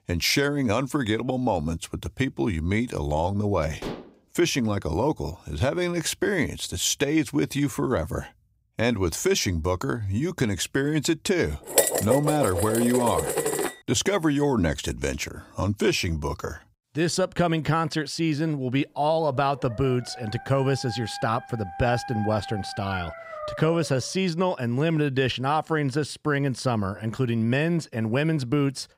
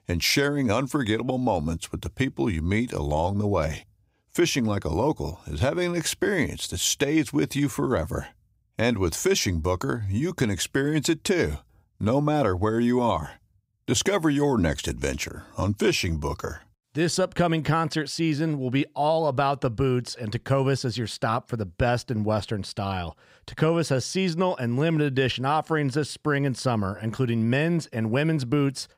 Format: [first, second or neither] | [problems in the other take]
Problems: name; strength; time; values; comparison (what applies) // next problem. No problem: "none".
second | clattering dishes; faint; at 4 s; peak 10 dB below the speech // clattering dishes; loud; from 12 to 14 s; peak 5 dB above the speech // dog barking; noticeable; from 19 to 24 s; peak 9 dB below the speech